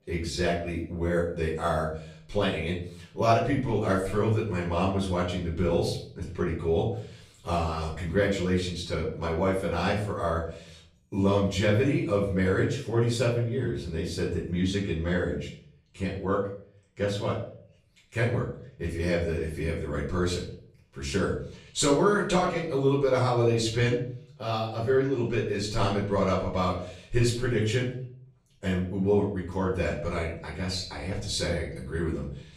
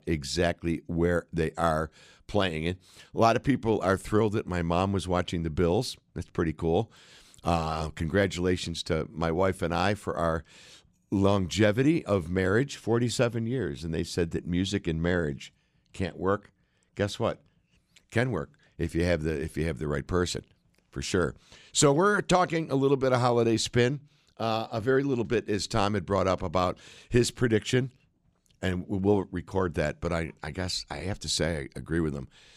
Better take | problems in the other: second | room echo; noticeable; dies away in 0.5 s // off-mic speech; far

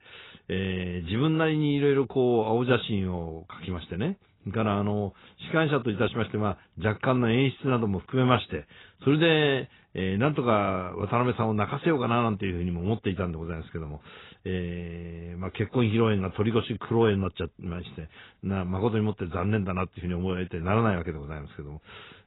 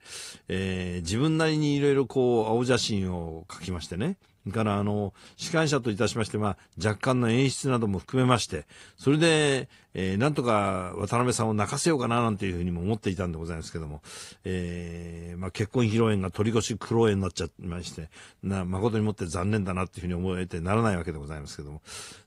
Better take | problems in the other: second | garbled, watery; badly; nothing above 4 kHz; slightly in the second

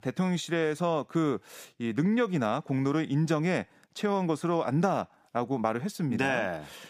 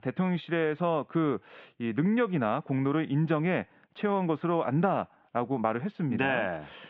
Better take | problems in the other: first | muffled; very; fading above 3 kHz

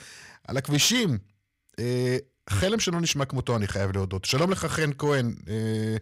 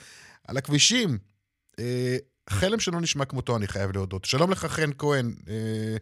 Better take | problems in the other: second | distortion; slight; 10 dB below the speech

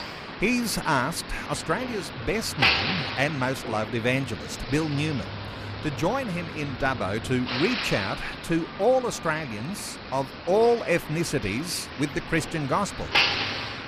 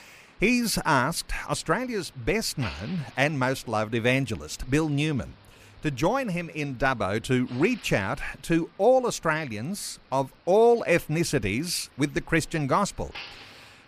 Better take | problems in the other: second | traffic noise; loud; throughout; 3 dB below the speech; faint in the second

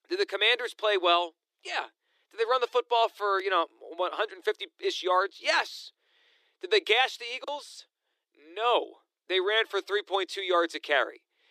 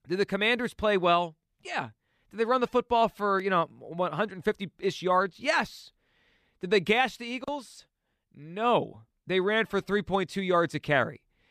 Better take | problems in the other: second | thin; very; fading below 350 Hz

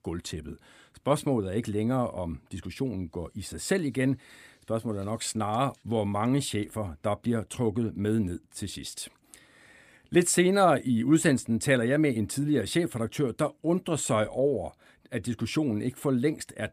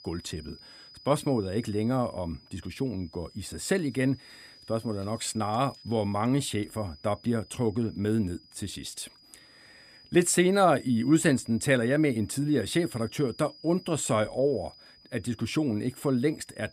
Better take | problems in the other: first | high-pitched whine; faint; throughout; 5 kHz, 25 dB below the speech

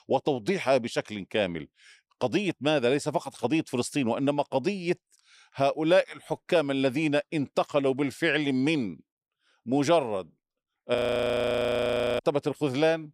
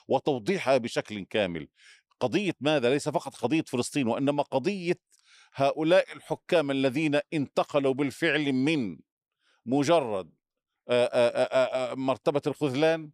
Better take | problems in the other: second | audio freezing; at 11 s for 1 s

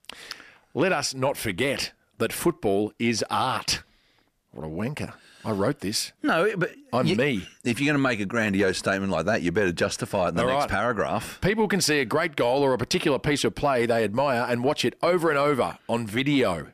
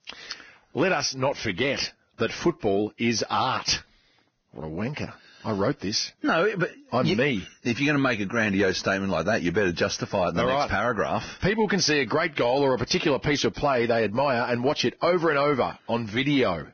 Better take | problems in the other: first | garbled, watery; badly; nothing above 6 kHz

